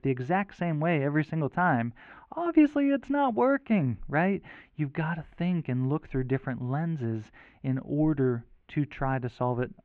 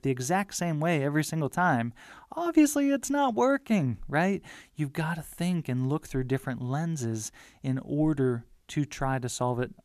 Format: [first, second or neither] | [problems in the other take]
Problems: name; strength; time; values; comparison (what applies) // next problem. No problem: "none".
second | muffled; very; fading above 2.5 kHz